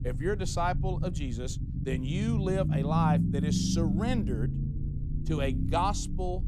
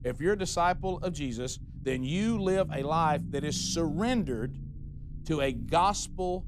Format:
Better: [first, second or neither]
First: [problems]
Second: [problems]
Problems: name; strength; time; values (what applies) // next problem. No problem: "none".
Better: second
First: low rumble; loud; throughout; 7 dB below the speech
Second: low rumble; faint; throughout; 20 dB below the speech